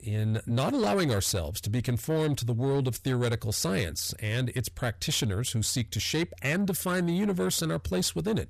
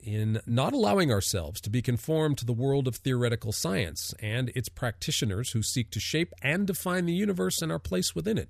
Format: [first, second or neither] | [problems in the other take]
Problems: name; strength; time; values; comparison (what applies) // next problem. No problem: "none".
second | distortion; slight; 10 dB below the speech